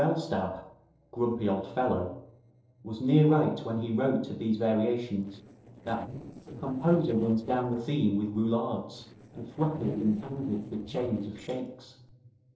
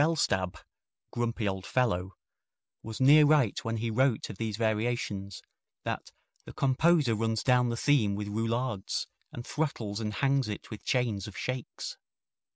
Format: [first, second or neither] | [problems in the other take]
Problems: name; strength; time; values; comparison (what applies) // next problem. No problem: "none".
second | noise reduction (neural separator model SepFormer DNS4)